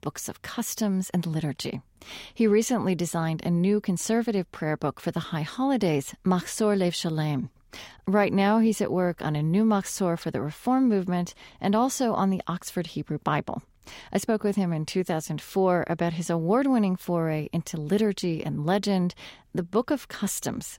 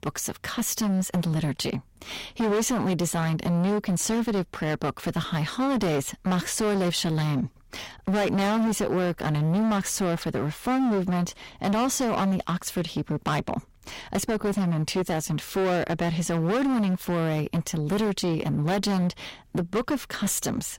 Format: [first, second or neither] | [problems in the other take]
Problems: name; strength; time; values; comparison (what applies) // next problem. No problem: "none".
first | distortion; heavy; 21% of the sound clipped